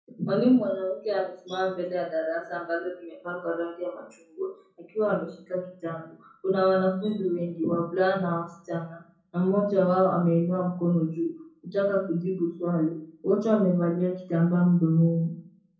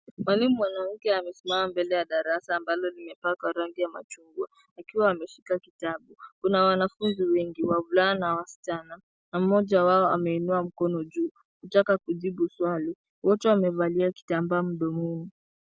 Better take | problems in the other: second | room echo; dies away in 0.5 s

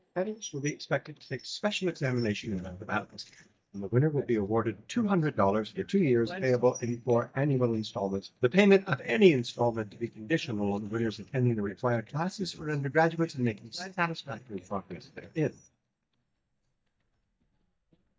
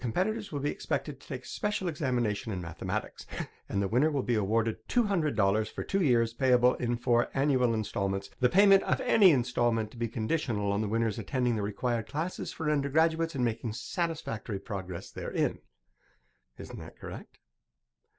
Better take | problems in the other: second | noise reduction (neural mask model DeepFilterNet 3)

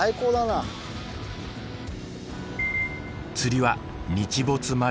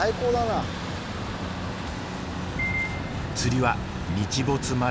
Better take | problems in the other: first | background sound (Truck); 4 dB below the speech

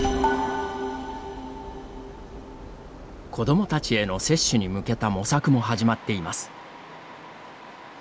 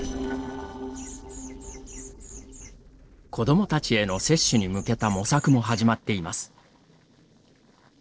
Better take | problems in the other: first | noise reduction (neural separator model SepFormer DNS4)

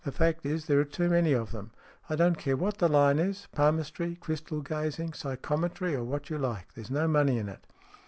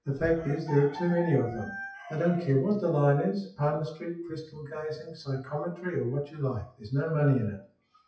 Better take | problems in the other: first | noise reduction (classical method WPE with log-MMSE)

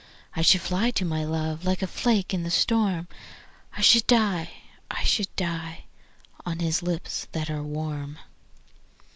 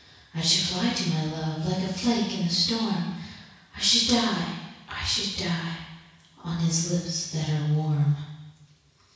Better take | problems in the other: first | room echo; dies away in 1.1 s

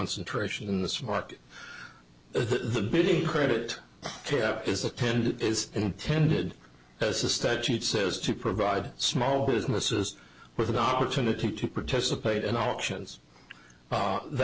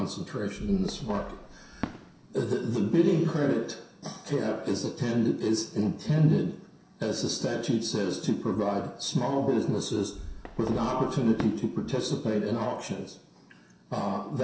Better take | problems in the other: first | background sound (Fireworks); 14 dB below the speech // room echo; dies away in 0.7 s

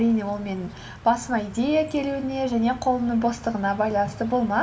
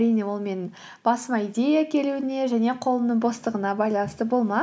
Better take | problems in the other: second | background sound (Insect); 18 dB below the speech // room echo; dies away in 2.1 s

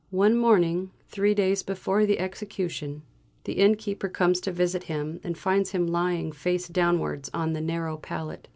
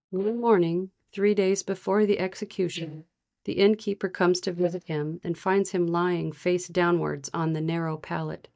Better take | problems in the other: first | noise reduction (neural mask model DeepFilterNet 3)

